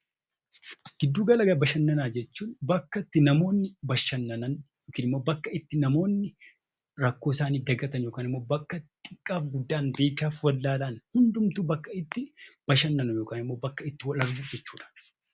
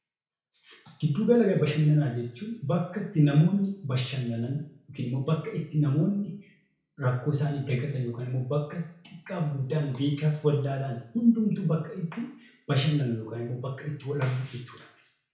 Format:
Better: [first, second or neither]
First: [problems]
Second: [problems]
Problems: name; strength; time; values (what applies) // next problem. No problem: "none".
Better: first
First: none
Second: room echo; dies away in 0.6 s